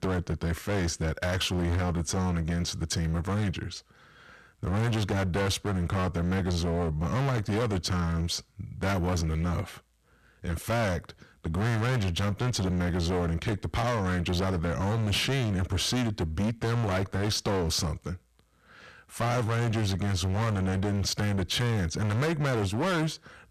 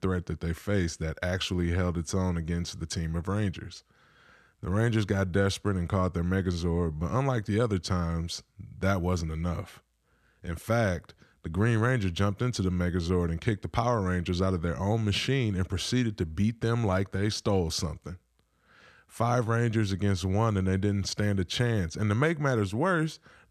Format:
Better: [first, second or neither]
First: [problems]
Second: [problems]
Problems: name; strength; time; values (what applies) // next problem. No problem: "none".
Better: second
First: distortion; heavy; 25% of the sound clipped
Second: none